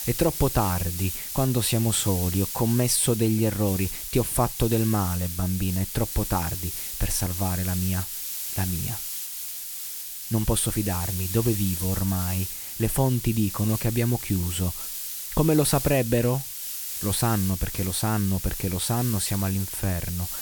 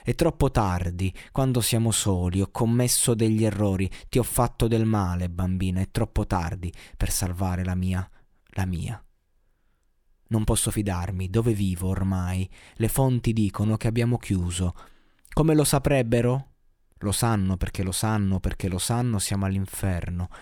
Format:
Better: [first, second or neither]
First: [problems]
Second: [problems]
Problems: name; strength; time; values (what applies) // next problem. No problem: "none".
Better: second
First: hiss; loud; throughout; 5 dB below the speech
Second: none